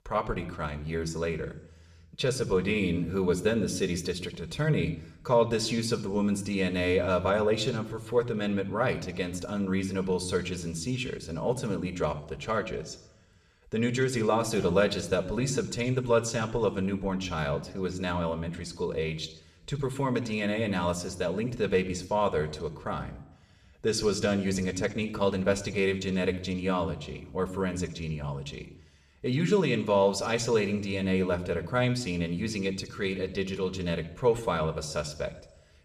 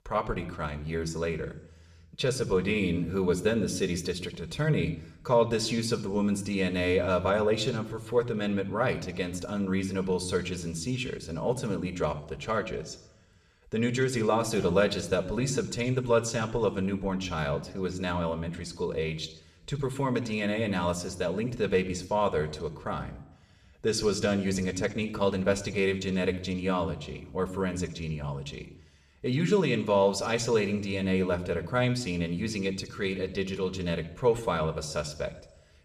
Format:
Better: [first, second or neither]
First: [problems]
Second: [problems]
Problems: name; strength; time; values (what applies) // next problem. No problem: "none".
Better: neither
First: room echo; very slight; dies away in 0.6 s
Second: room echo; very slight; dies away in 0.6 s